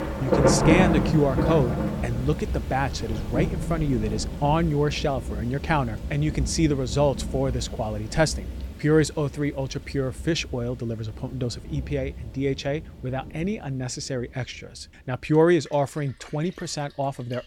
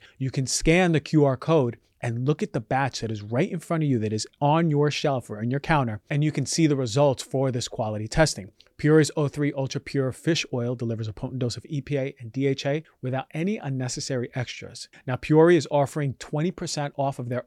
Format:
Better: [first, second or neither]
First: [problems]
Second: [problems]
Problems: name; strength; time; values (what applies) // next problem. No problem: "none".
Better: second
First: rain or running water; loud; throughout; 2 dB below the speech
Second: none